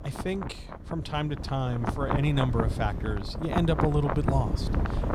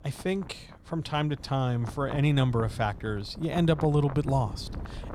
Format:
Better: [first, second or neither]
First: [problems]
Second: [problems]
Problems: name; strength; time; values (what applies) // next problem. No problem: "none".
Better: second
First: wind noise on the microphone; heavy; 2 dB below the speech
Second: wind noise on the microphone; occasional gusts; 15 dB below the speech